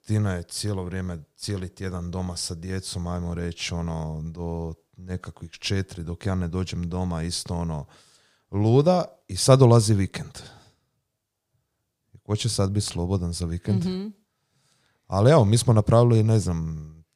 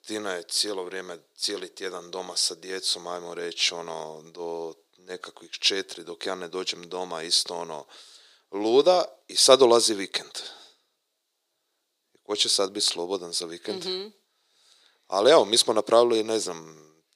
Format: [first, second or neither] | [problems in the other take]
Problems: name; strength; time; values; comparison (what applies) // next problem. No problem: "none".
first | thin; very; fading below 350 Hz